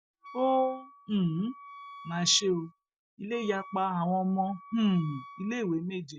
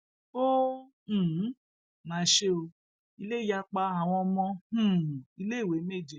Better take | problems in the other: second | background sound (Wind instrument, woodwind instrument); 19 dB below the speech

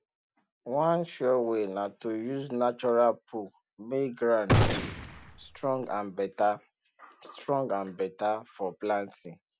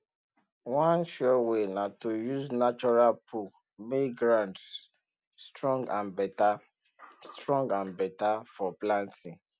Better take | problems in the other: second | background sound (Gunshot, gunfire); 2 dB above the speech

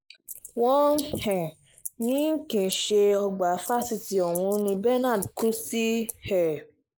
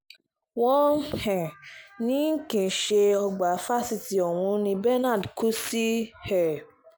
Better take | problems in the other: second | noise reduction (neural mask model Resemble Enhance denoiser)

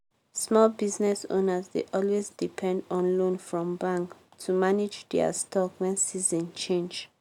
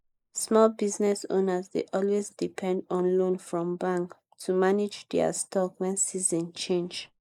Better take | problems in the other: first | noise reduction (neural mask model Resemble Enhance denoiser)

